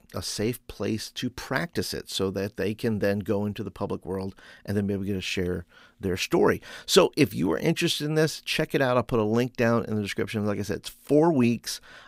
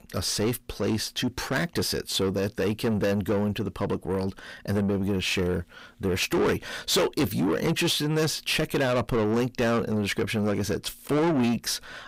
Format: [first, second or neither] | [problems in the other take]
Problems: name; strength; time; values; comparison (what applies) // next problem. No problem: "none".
first | distortion; heavy; 6 dB below the speech